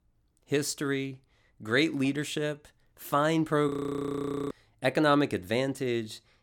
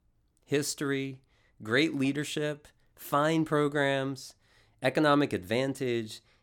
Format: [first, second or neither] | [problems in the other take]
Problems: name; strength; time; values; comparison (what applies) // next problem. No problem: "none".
second | audio freezing; at 3.5 s for 1 s